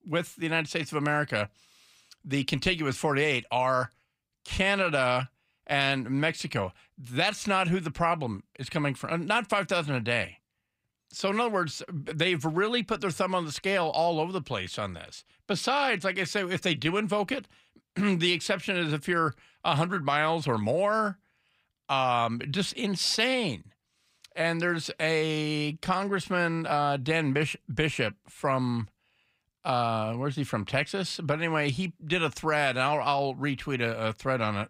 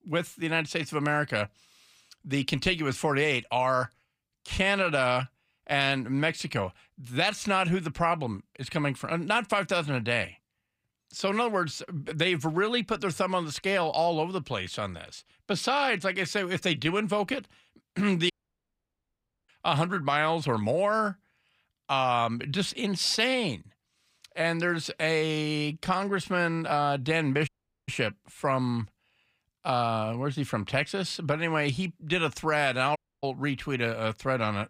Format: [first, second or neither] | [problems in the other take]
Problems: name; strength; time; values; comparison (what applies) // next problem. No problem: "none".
first | audio cutting out; at 18 s for 1 s, at 27 s and at 33 s